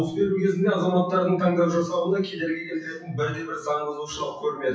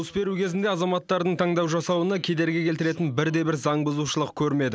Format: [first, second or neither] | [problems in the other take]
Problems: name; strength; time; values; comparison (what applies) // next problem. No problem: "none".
second | noise reduction (classical method WPE with log-MMSE)